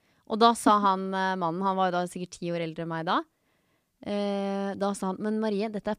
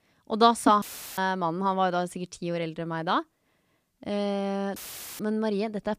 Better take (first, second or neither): first